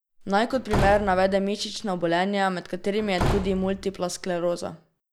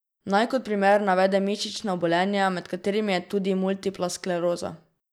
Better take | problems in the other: second | background sound (Slam / Wood); 7 dB below the speech

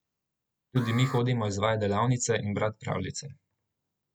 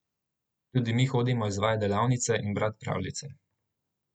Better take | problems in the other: second | background sound (Alarm); 16 dB below the speech

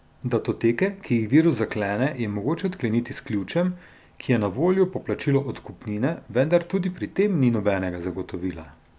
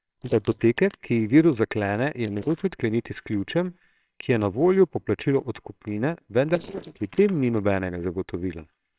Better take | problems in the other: first | noise reduction (neural separator model SepFormer WHAMR!)

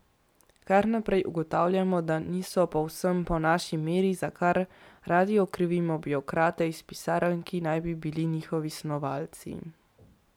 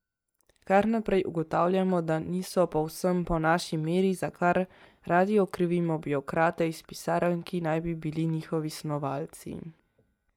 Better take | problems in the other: first | noise reduction (neural mask model DeepFilterNet 3)

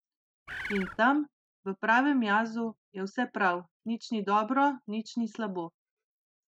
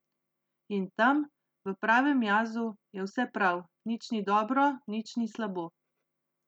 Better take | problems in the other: second | noise reduction (classical method Wiener filter)

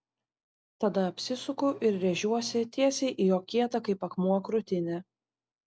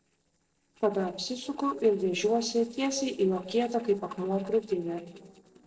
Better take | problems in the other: first | noise reduction (neural separator model SepFormer DNS4)

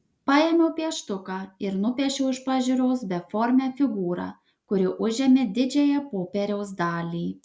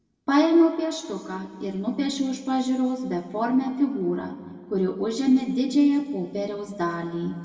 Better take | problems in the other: first | room echo; dies away in 1.7 s

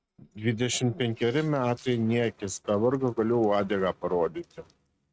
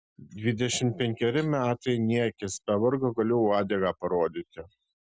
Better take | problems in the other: second | noise reduction (neural mask model RNNoise)

